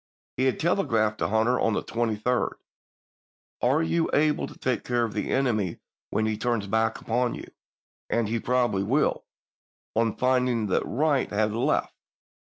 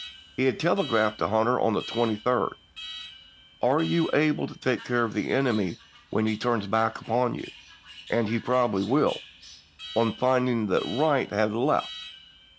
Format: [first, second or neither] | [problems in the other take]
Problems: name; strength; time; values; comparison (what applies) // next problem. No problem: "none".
first | background sound (Alarm); 18 dB below the speech